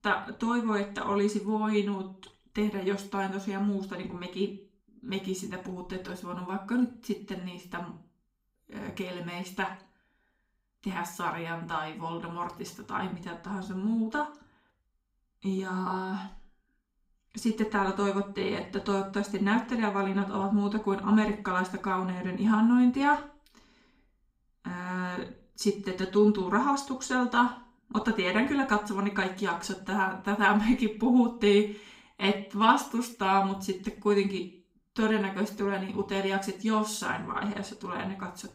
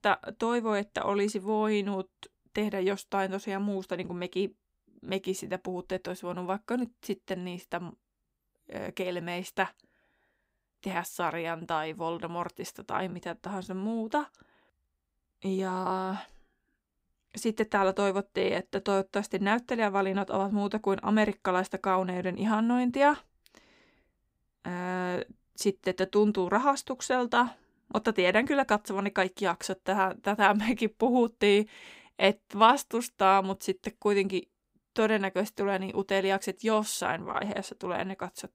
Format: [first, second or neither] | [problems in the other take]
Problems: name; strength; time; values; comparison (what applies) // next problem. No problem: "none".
second | room echo; very slight; dies away in 0.4 s // off-mic speech; far